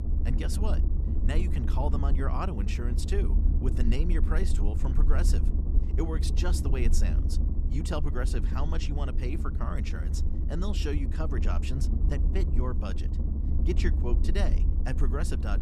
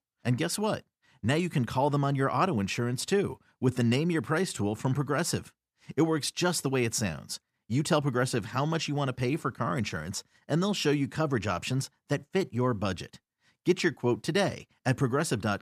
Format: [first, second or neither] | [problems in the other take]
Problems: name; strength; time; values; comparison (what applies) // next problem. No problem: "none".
second | low rumble; loud; throughout; 6 dB below the speech